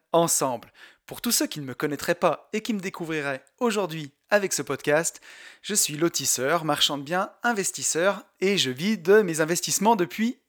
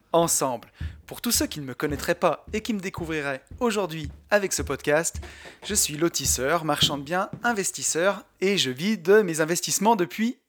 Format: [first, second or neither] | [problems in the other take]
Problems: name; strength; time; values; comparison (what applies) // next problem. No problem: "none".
first | footsteps; faint; from 1 to 7.5 s; peak 10 dB below the speech